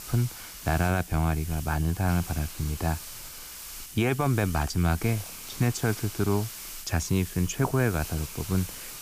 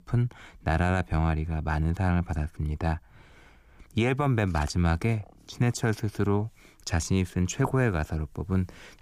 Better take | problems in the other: second | hiss; noticeable; throughout; 10 dB below the speech

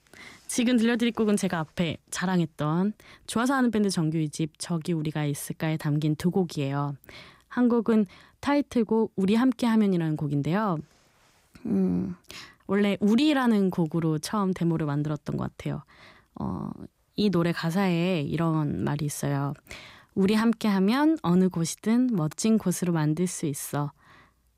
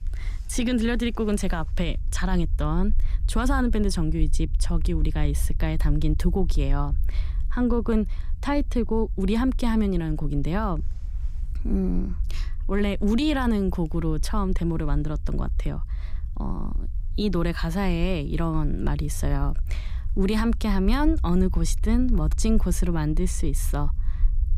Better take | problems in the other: first | low rumble; faint; throughout; 20 dB below the speech

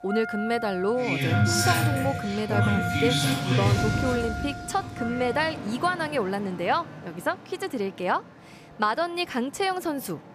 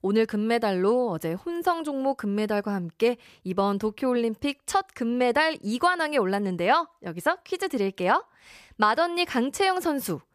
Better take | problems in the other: second | traffic noise; very loud; throughout; 2 dB above the speech

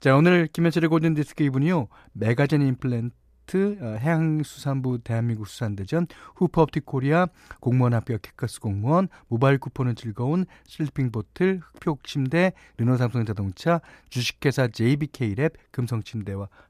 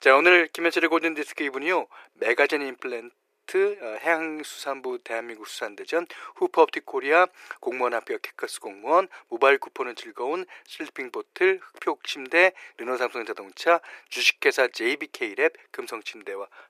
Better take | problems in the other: first | thin; very; fading below 350 Hz

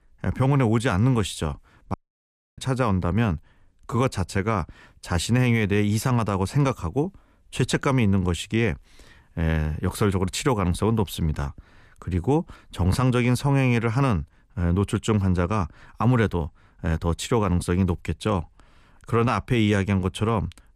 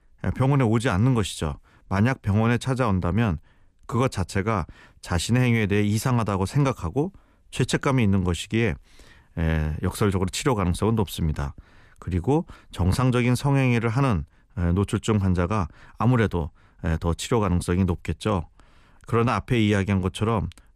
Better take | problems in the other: second | audio cutting out; at 2 s for 0.5 s

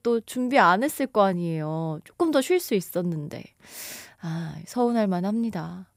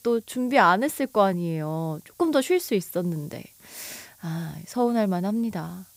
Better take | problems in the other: first | hiss; faint; throughout; 25 dB below the speech

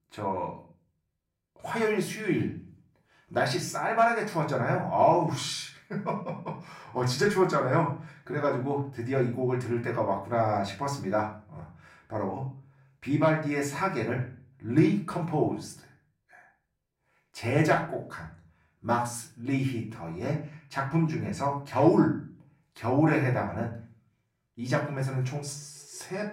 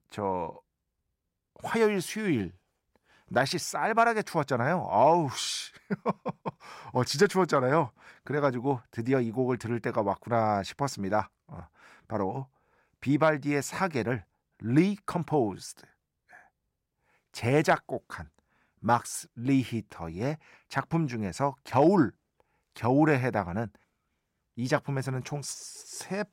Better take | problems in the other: second | room echo; slight; dies away in 0.4 s // off-mic speech; far

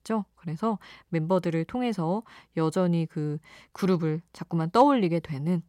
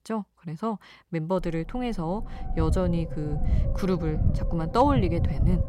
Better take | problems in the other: first | low rumble; loud; from 1.5 s on; 10 dB below the speech

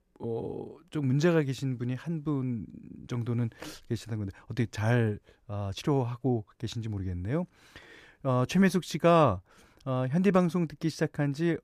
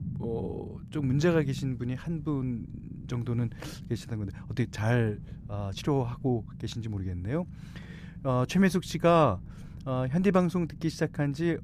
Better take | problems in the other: first | low rumble; faint; throughout; 20 dB below the speech

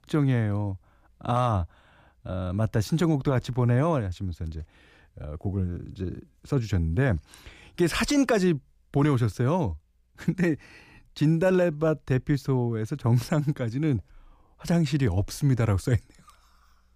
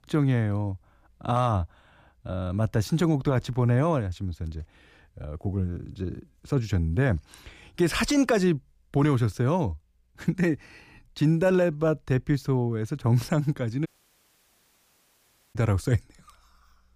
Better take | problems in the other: first | audio cutting out; at 14 s for 1.5 s

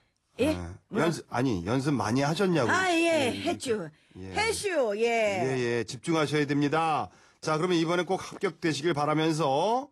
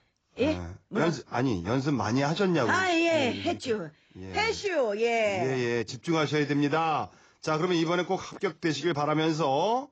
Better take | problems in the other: first | garbled, watery; badly; nothing above 7.5 kHz; slightly in the first

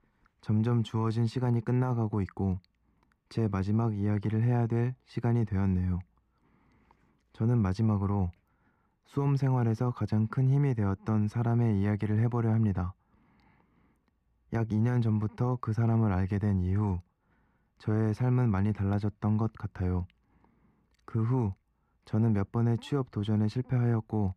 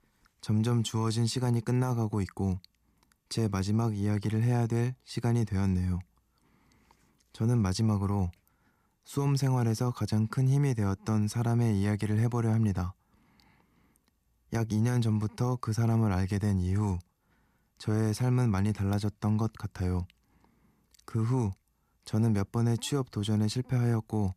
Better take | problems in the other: second | muffled; slightly; fading above 4 kHz

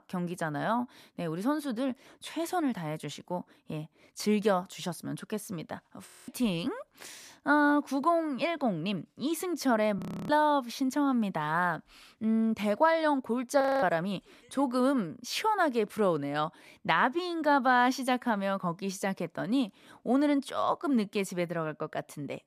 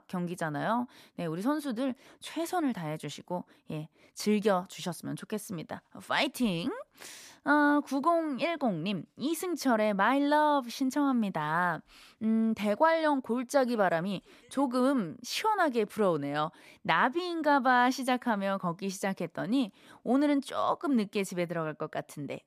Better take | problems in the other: second | audio freezing; at 6 s, at 10 s and at 14 s

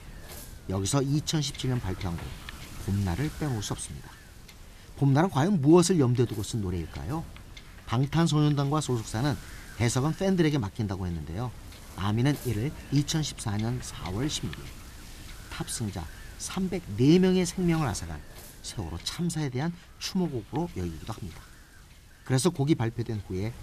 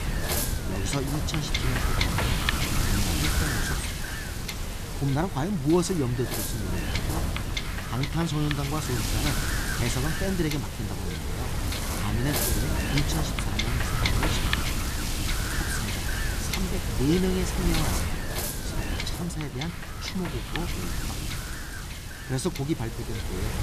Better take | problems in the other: first | wind noise on the microphone; heavy; 4 dB above the speech; occasional gusts in the first

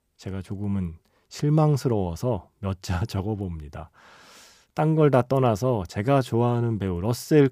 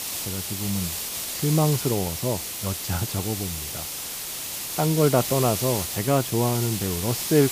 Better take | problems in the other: first | hiss; loud; throughout; 3 dB below the speech

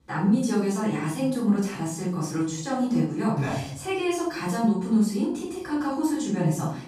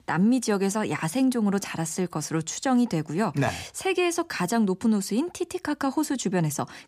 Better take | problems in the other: second | off-mic speech; far // room echo; noticeable; dies away in 0.6 s

